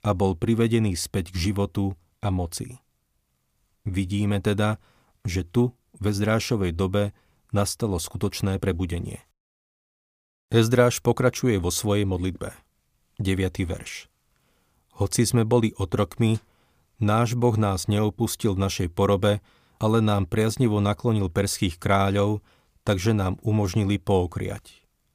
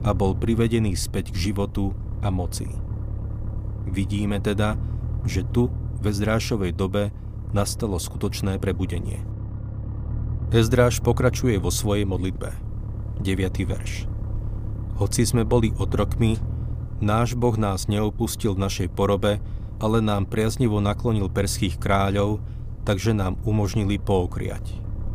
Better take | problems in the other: first | low rumble; noticeable; throughout; 15 dB below the speech

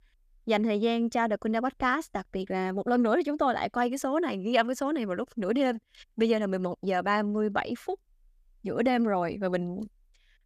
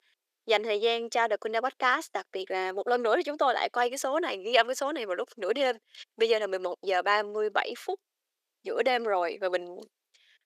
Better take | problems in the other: first | thin; very; fading below 400 Hz

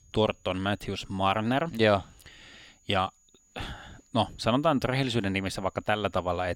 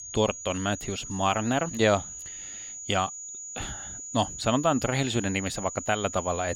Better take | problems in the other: first | high-pitched whine; loud; throughout; 7 kHz, 9 dB below the speech; faint in the first

